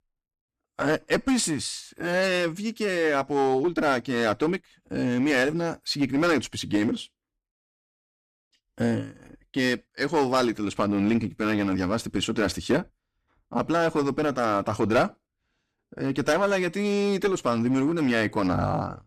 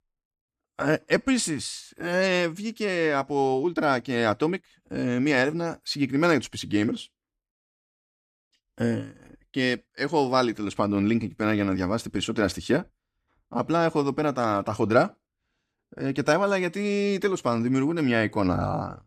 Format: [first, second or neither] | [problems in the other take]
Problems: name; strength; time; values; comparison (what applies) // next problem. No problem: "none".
second | distortion; slight; 6% of the sound clipped